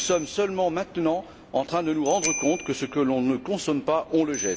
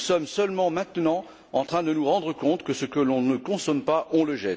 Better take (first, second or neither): second